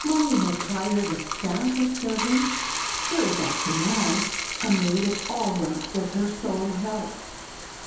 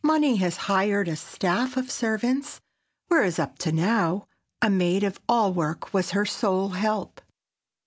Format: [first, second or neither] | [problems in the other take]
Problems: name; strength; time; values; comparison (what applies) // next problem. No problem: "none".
second | background sound (Bathtub (filling or washing)); 5 dB below the speech // room echo; dies away in 2.2 s